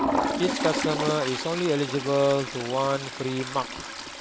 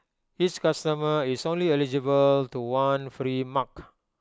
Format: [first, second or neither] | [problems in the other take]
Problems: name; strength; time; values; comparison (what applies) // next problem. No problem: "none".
second | background sound (Toilet flush); 3 dB below the speech